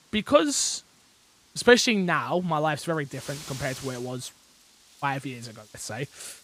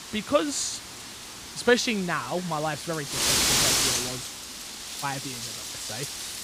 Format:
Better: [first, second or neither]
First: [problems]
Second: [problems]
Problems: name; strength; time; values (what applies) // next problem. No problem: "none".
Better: first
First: wind noise on the microphone; occasional gusts; 20 dB below the speech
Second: wind noise on the microphone; heavy; 1 dB above the speech